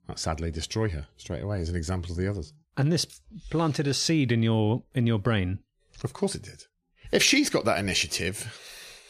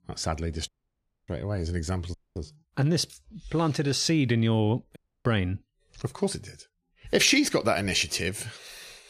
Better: first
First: none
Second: audio cutting out; at 0.5 s for 0.5 s, at 2 s and at 5 s

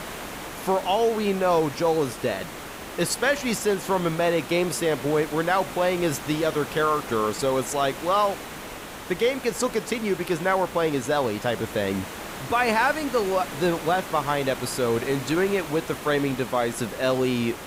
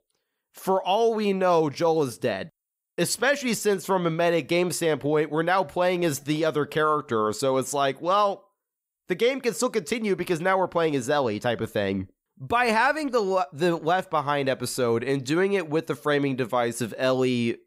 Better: second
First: hiss; noticeable; throughout; 10 dB below the speech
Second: none

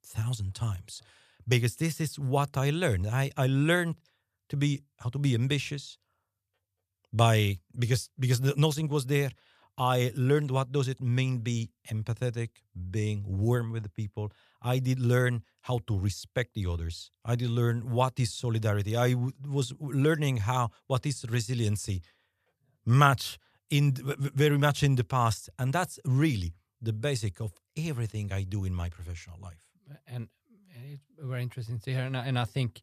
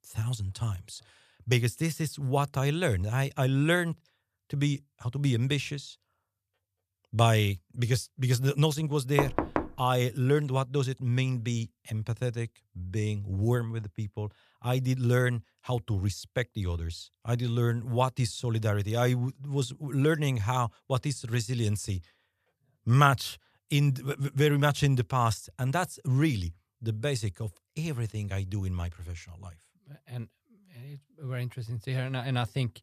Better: first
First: none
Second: door banging; noticeable; at 9 s; peak 1 dB below the speech

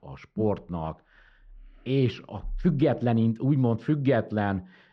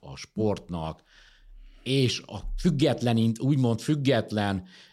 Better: second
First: muffled; very; fading above 1.5 kHz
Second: none

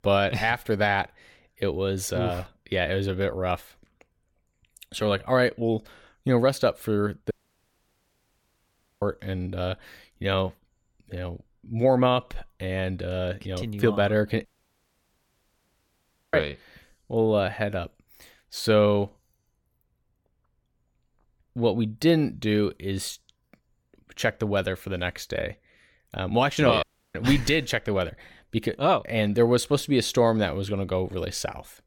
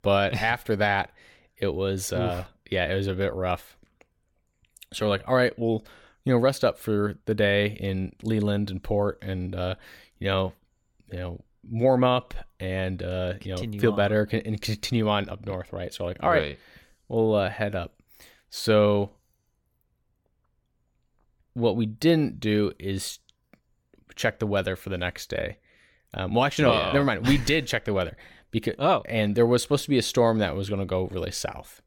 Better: second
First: audio cutting out; at 7.5 s for 1.5 s, at 14 s for 2 s and at 27 s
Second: none

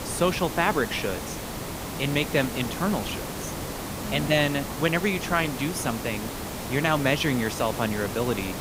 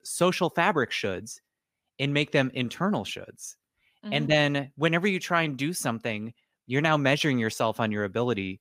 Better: second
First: hiss; loud; throughout; 7 dB below the speech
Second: none

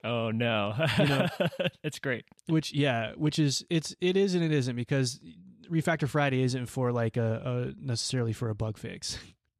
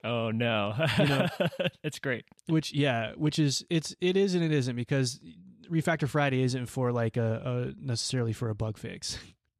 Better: neither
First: none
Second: none

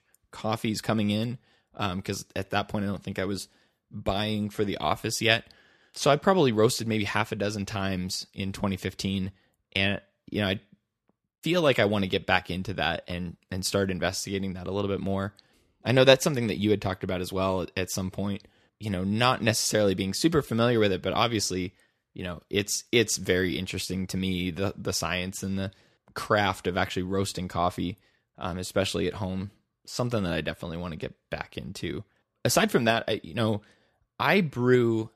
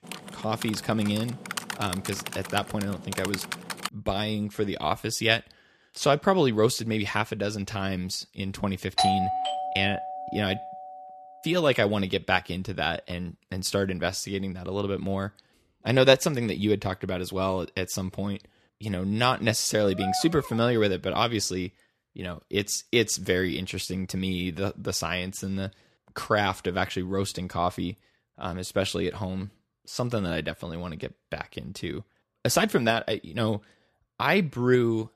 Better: first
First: none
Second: keyboard typing; noticeable; until 4 s; peak 5 dB below the speech // doorbell; loud; from 9 to 11 s; peak 4 dB above the speech // dog barking; noticeable; at 20 s; peak 4 dB below the speech

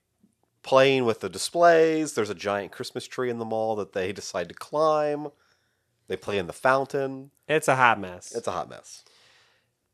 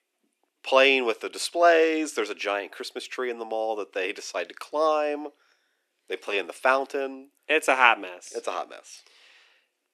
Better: first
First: none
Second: thin; very slightly; fading below 300 Hz

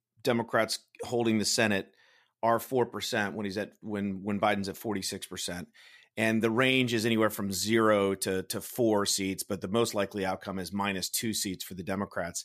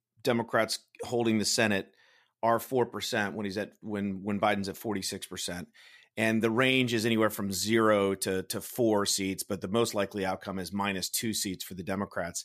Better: neither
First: none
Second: none

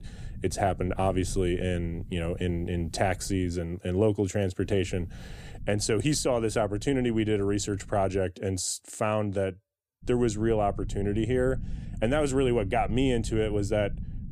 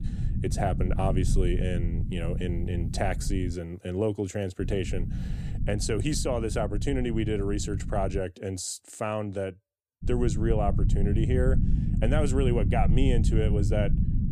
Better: first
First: low rumble; faint; until 3.5 s, from 4.5 to 8 s and from 10 s on; 25 dB below the speech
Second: low rumble; loud; until 3.5 s, from 4.5 to 8 s and from 10 s on; 10 dB below the speech

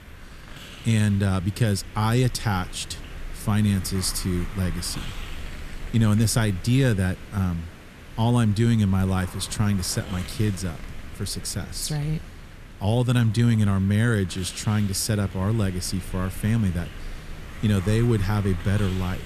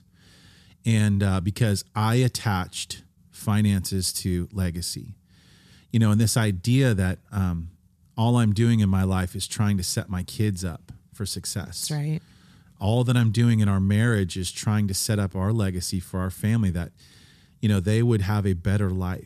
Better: second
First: hiss; noticeable; throughout; 15 dB below the speech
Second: none

